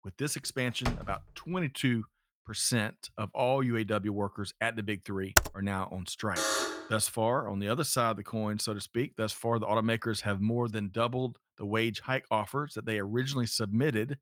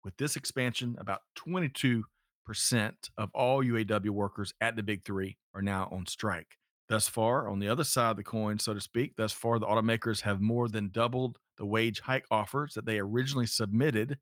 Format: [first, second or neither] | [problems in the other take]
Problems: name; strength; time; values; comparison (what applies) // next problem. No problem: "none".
second | door banging; noticeable; at 1 s; peak 6 dB below the speech // keyboard typing; very faint; at 5.5 s; peak 5 dB above the speech // alarm; loud; at 6.5 s; peak 2 dB above the speech